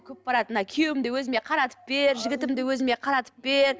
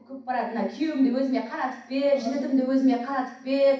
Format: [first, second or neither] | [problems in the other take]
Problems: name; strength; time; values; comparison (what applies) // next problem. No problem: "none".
first | room echo; dies away in 0.6 s